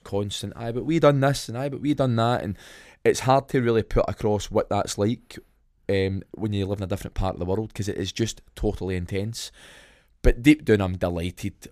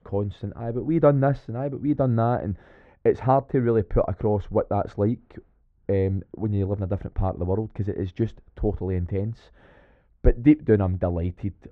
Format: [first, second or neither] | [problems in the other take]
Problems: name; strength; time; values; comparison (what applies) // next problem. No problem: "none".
first | muffled; very; fading above 1 kHz